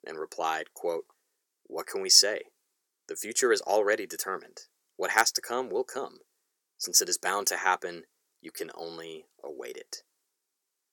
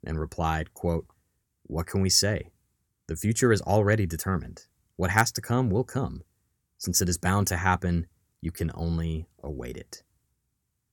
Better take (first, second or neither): second